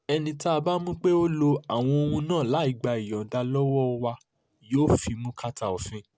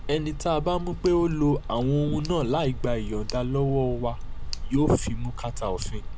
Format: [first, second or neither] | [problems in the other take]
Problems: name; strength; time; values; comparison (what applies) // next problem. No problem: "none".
first | background sound (Tick); 6 dB below the speech